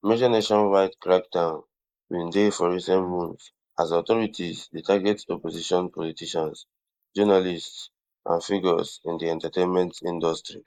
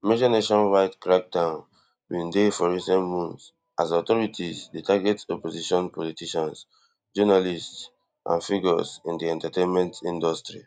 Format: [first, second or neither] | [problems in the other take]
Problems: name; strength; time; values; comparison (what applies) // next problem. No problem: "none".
second | noise reduction (neural mask model Resemble Enhance denoiser)